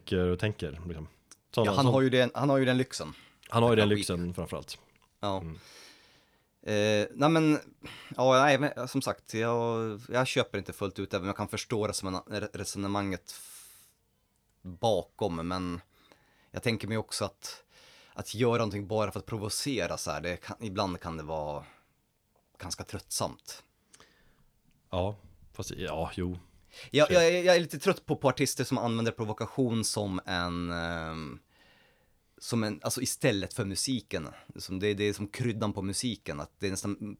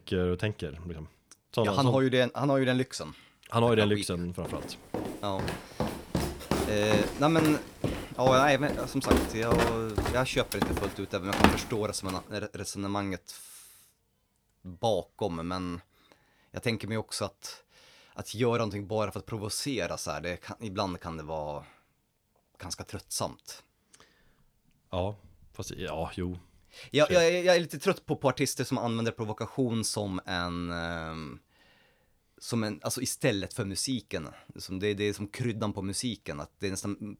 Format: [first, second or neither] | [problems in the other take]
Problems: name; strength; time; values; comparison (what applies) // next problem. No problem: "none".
first | footsteps; loud; from 4.5 to 12 s; peak 6 dB above the speech